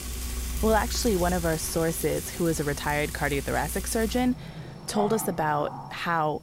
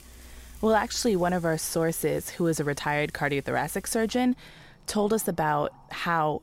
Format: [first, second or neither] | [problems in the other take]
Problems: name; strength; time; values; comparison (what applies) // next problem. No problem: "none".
second | household noises; loud; throughout; 8 dB below the speech; faint in the second